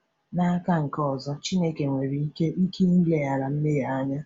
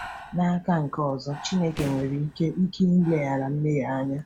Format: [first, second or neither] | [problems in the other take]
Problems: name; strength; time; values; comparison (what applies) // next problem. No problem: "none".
first | background sound (Fireworks + Breathing); 17 dB below the speech